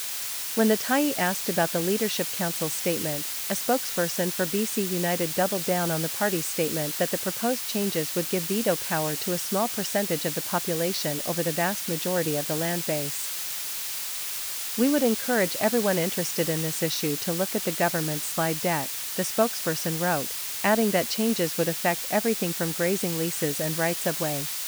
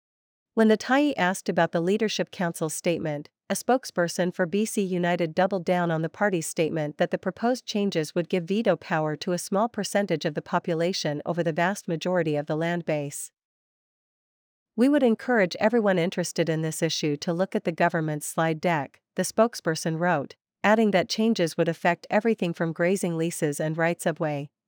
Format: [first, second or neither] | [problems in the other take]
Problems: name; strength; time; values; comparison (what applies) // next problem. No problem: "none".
second | hiss; loud; throughout; 2 dB below the speech